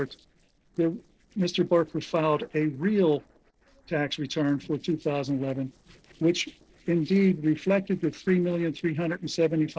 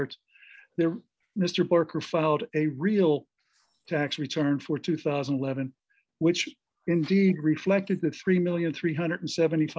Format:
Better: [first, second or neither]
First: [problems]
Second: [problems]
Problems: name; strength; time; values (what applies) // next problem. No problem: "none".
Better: second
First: noise reduction (neural separator model SepFormer DNS4)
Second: none